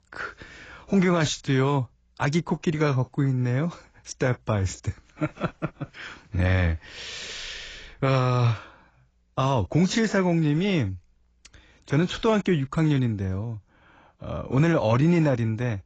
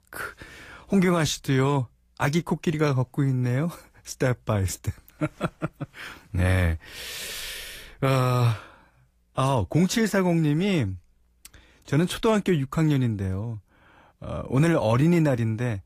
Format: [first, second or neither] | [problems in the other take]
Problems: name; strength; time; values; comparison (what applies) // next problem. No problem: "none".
second | garbled, watery; badly; nothing above 7.5 kHz; slightly in the second